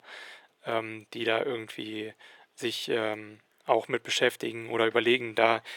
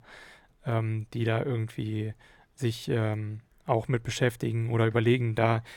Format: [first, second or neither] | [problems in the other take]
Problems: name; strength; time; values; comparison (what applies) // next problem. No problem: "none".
second | thin; very; fading below 450 Hz